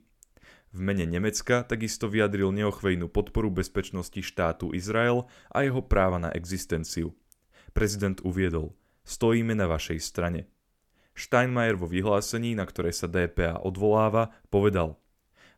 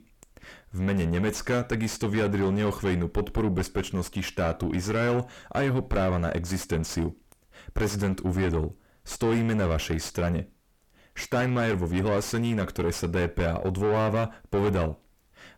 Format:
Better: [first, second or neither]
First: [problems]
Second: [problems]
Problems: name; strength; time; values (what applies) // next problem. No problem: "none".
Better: first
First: none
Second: distortion; heavy; 6 dB below the speech